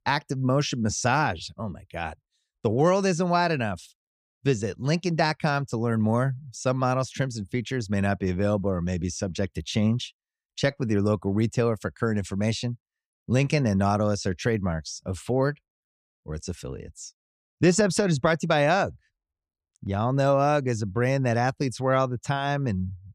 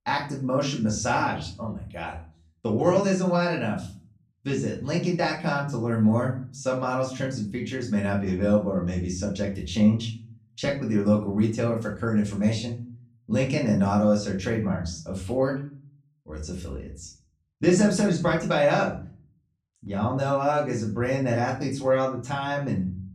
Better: first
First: none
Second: room echo; slight; dies away in 0.4 s // off-mic speech; far

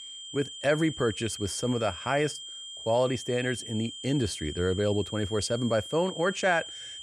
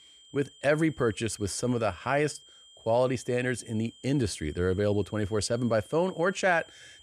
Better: second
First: high-pitched whine; loud; throughout; 3 kHz, 10 dB below the speech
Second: high-pitched whine; faint; throughout; 3 kHz, 25 dB below the speech

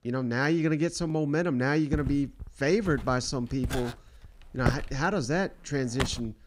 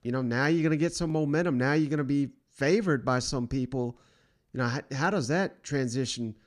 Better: second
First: footsteps; noticeable; from 2 s on; peak 3 dB below the speech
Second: none

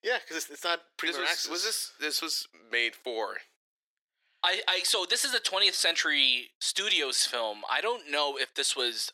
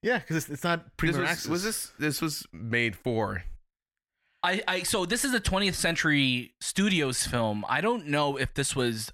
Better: second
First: thin; very; fading below 350 Hz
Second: none

